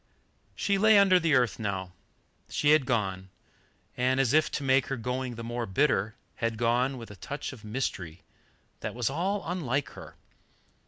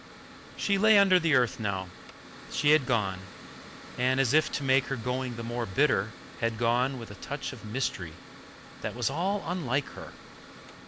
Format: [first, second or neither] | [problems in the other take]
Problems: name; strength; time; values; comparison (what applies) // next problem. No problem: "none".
first | background sound (Mechanical fan); 16 dB below the speech